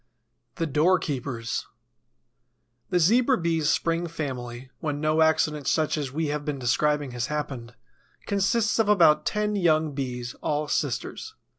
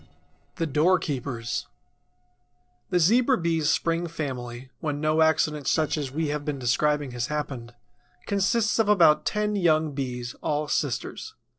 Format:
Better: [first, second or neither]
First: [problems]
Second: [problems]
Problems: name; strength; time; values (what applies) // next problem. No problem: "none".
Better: first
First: none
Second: noise reduction (neural separator model SepFormer DNS4)